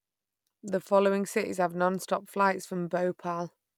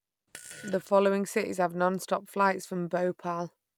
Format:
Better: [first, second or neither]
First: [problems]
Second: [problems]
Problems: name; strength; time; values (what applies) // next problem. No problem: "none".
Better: first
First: none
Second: background sound (Fart); 19 dB below the speech